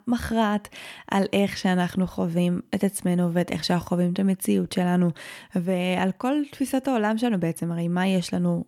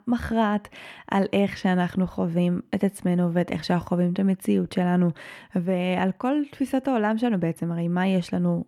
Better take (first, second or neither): first